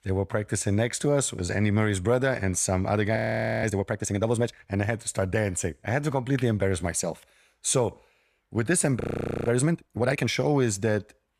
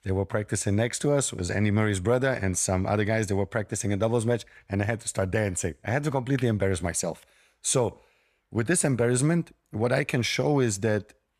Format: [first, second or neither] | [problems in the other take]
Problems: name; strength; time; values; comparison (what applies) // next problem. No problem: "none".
second | audio freezing; at 3 s and at 9 s